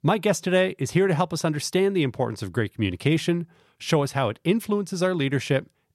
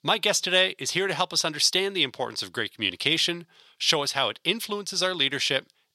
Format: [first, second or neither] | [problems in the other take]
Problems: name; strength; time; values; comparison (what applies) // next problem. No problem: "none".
first | thin; somewhat; fading below 1 kHz